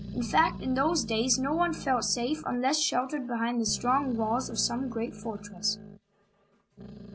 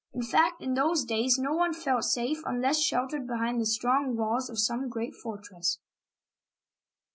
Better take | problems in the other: second | background sound (Growling); 13 dB below the speech

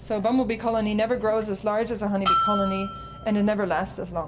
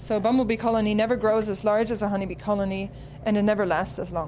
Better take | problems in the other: second | background sound (Bell); 3 dB below the speech // room echo; dies away in 0.9 s

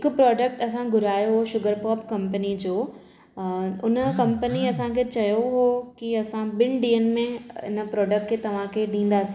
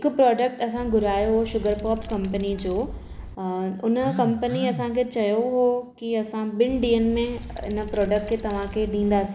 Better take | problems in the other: first | background sound (Wind); 12 dB below the speech

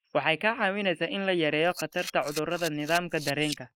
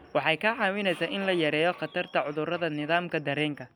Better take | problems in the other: second | noise reduction (neural mask model Resemble Enhance denoiser)

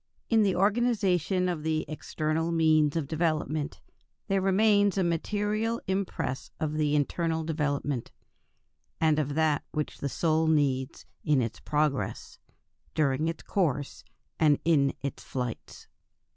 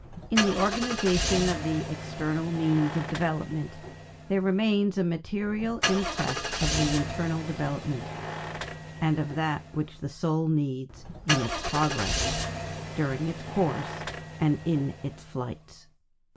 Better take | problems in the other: first | background sound (Engine starting / Car); 5 dB below the speech // room echo; dies away in 0.2 s

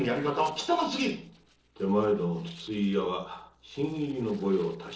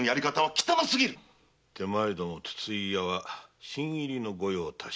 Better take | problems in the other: second | noise reduction (neural separator model SepFormer DNS4)

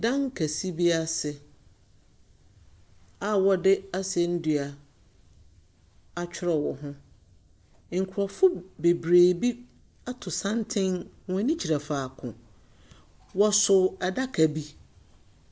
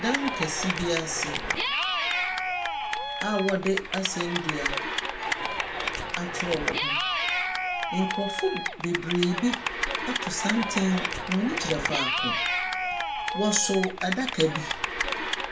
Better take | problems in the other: first | background sound (Cheering / Clapping); 1 dB above the speech // room echo; dies away in 0.3 s

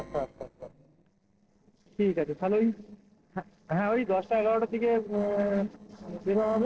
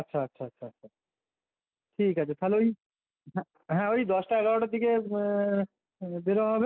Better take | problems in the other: second | noise reduction (neural separator model SepFormer DNS4)

